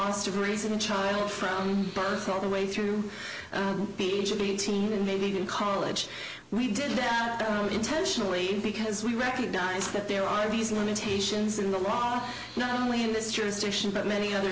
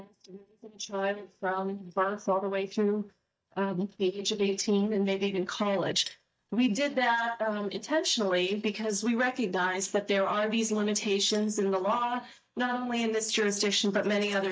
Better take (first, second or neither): first